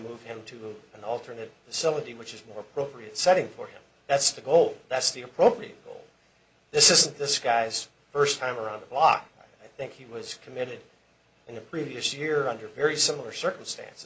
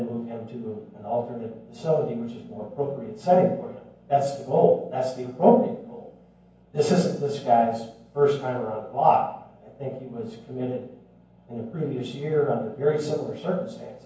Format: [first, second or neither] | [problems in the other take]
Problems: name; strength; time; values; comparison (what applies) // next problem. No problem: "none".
first | room echo; dies away in 0.9 s